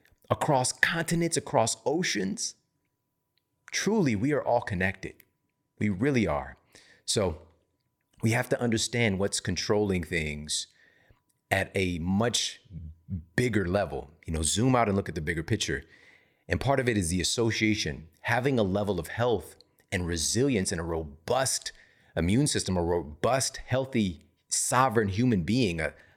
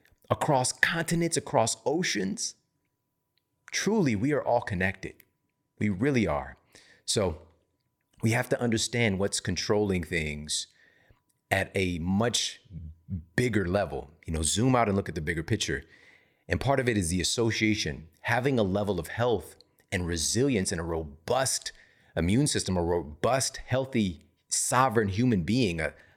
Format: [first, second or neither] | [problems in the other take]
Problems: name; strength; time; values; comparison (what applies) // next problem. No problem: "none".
neither | none